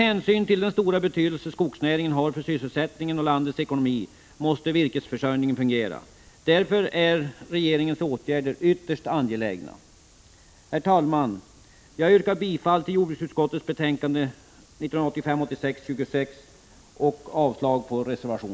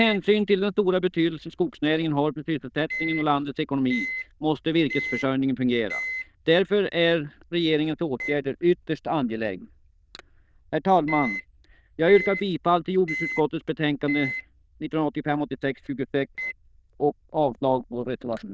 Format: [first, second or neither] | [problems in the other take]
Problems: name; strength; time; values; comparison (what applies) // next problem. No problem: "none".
first | noise reduction (neural diffusion model UNIVERSE++)